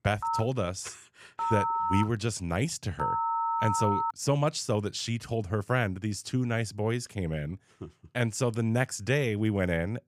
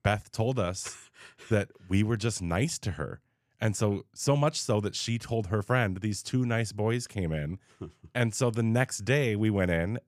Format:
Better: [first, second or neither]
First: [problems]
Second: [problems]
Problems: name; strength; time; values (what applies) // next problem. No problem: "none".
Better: second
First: phone ringing; loud; until 4 s; peak 2 dB above the speech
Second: none